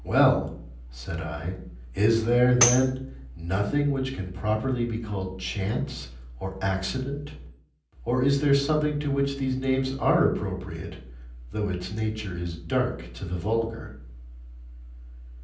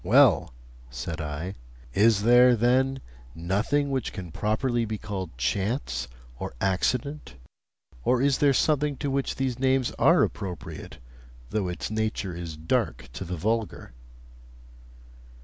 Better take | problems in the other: second | background sound (Tambourine); 3 dB below the speech // room echo; dies away in 0.6 s

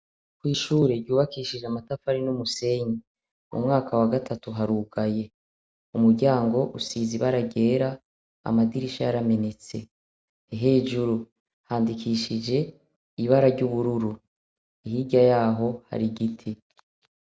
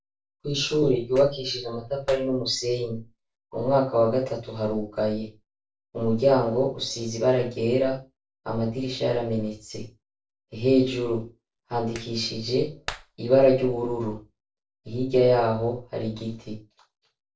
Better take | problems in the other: first | noise reduction (neural separator model SepFormer DNS4)

